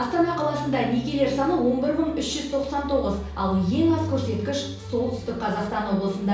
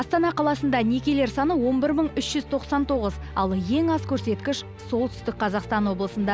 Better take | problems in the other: second | room echo; dies away in 0.7 s

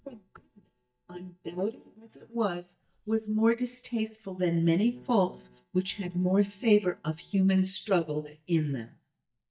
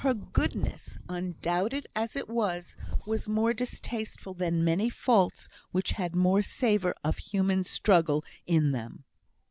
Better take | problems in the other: second | noise reduction (neural mask model DeepFilterNet 3)

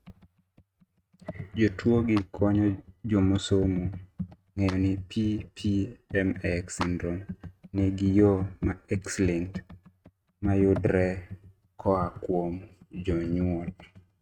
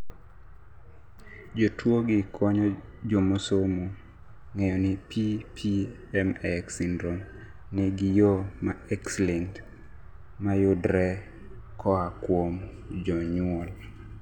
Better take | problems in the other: second | noise reduction (neural mask model RNNoise)

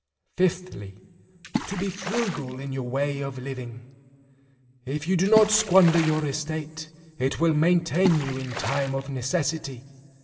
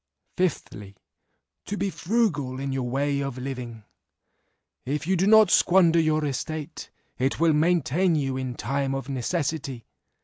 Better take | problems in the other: second | background sound (Water / Splash, splatter); 9 dB below the speech // room echo; dies away in 2.6 s

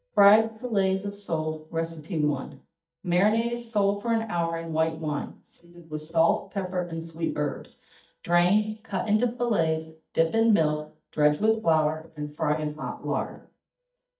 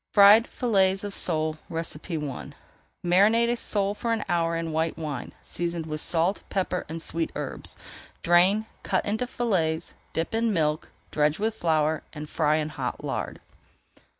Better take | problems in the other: second | noise reduction (neural mask model DeepFilterNet 3)

